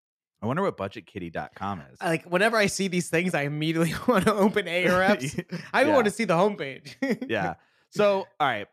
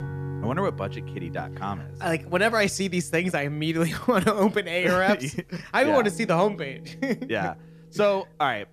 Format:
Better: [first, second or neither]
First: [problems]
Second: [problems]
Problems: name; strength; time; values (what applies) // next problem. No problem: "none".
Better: first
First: none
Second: background music; noticeable; throughout; 15 dB below the speech